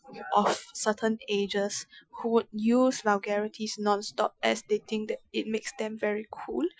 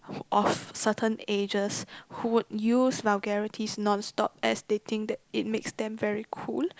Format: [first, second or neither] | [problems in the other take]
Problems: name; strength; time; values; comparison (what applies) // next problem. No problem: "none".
second | noise reduction (classical method Wiener filter)